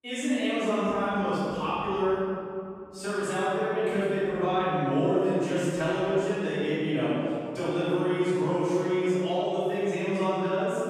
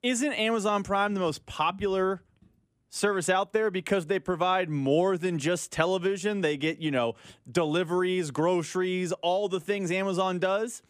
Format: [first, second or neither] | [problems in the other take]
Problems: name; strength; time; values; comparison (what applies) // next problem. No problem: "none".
second | off-mic speech; far // room echo; strong; dies away in 2.5 s